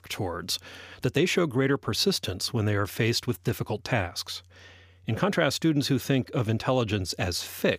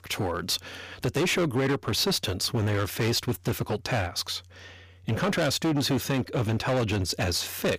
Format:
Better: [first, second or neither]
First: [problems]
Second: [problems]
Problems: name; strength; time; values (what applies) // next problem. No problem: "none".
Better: first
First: none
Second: distortion; heavy; 16% of the sound clipped